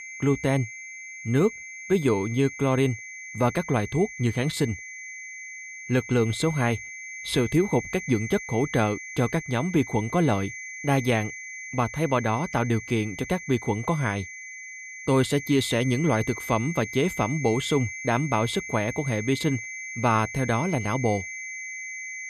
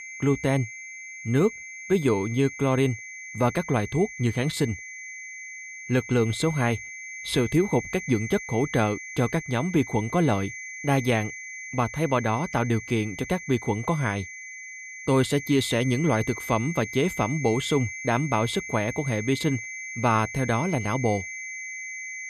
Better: neither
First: high-pitched whine; noticeable; throughout; 2 kHz, 10 dB below the speech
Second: high-pitched whine; noticeable; throughout; 2 kHz, 10 dB below the speech

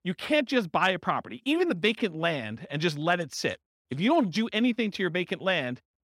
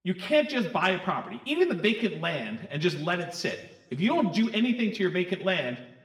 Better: first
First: none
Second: room echo; slight; dies away in 0.9 s

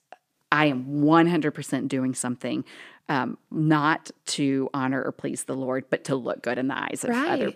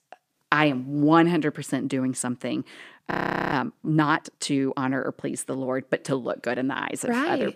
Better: first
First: none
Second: audio freezing; at 3 s

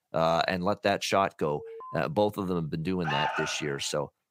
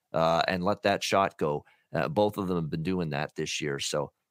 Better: second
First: alarm; faint; at 1.5 s; peak 15 dB below the speech // alarm; noticeable; at 3 s; peak level with the speech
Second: none

